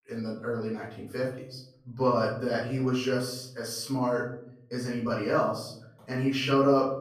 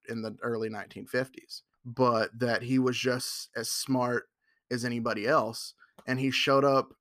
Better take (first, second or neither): second